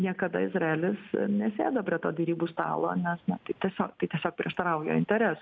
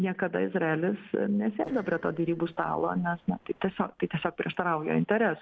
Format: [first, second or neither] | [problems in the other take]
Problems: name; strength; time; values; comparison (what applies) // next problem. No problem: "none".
first | noise reduction (neural separator model SepFormer DNS4)